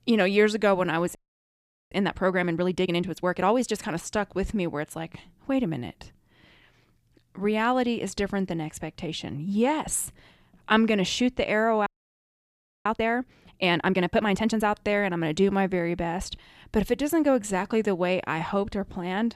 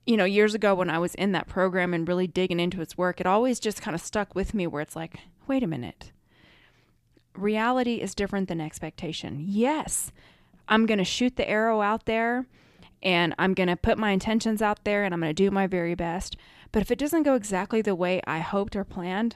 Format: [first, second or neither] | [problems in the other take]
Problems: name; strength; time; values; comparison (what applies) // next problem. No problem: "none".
second | audio freezing; at 1 s for 1 s and at 12 s for 1 s